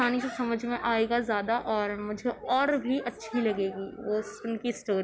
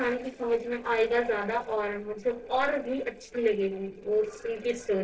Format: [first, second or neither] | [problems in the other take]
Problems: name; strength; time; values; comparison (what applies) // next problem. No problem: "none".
first | noise reduction (neural separator model SepFormer DNS4)